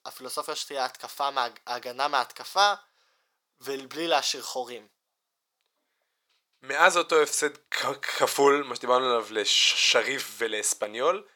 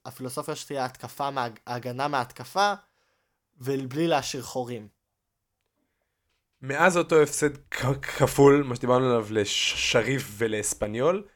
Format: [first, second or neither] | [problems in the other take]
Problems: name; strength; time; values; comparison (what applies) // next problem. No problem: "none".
second | thin; somewhat; fading below 500 Hz